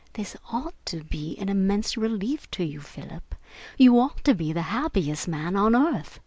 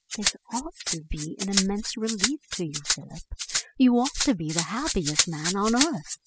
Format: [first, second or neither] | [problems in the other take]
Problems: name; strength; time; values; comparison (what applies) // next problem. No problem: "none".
first | noise reduction (classical method spectral subtraction)